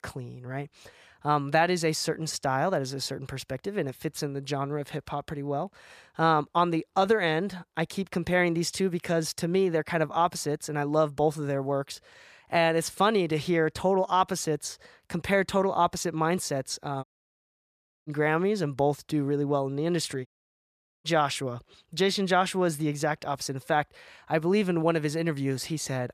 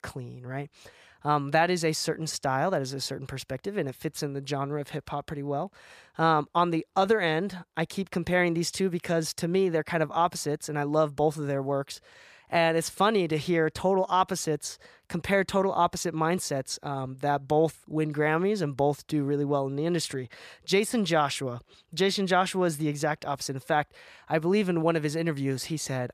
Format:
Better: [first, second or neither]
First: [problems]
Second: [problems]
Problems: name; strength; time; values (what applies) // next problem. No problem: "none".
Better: second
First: audio cutting out; at 17 s for 1 s and at 20 s for 1 s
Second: none